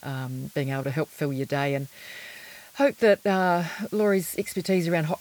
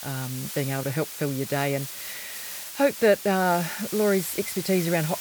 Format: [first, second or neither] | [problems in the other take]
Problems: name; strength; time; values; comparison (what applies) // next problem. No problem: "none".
first | hiss; loud; throughout; 8 dB below the speech; faint in the first